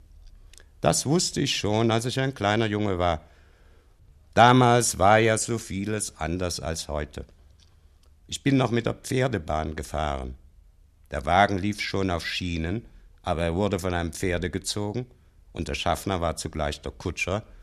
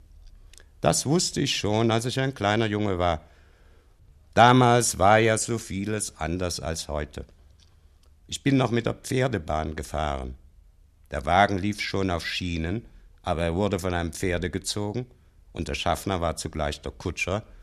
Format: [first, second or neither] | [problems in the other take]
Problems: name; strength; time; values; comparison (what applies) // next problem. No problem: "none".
neither | none